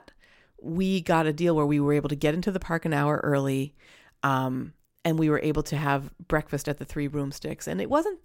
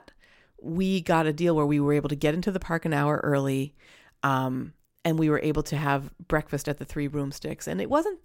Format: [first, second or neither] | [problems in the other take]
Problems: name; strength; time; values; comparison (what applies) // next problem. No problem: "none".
neither | none